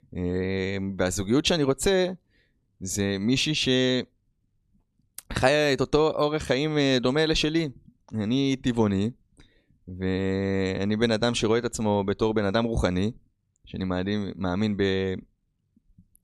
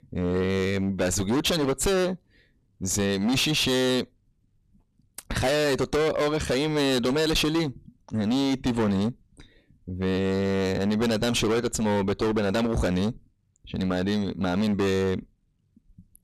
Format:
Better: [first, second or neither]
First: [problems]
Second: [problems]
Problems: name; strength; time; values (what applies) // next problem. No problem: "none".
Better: first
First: none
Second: distortion; heavy; 20% of the sound clipped